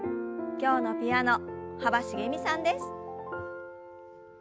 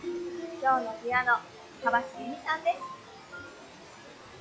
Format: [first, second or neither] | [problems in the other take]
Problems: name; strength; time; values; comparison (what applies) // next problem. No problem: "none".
first | noise reduction (classical method log-MMSE)